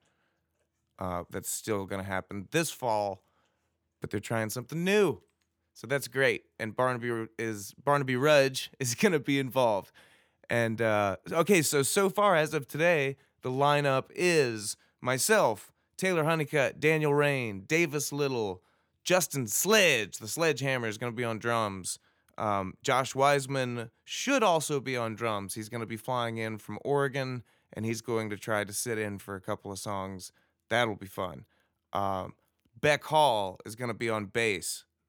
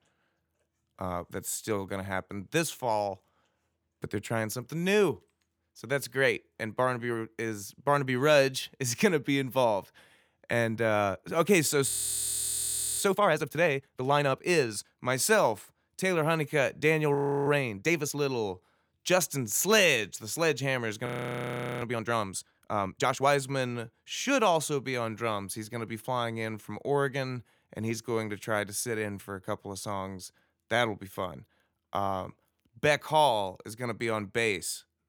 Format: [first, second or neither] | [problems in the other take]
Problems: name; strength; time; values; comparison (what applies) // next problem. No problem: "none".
first | audio freezing; at 12 s for 1 s, at 17 s and at 21 s for 1 s